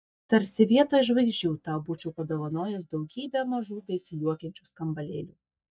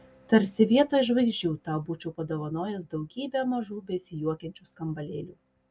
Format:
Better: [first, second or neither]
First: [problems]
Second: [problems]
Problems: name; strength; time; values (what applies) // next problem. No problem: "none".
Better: second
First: noise reduction (neural mask model DeepFilterNet 3)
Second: none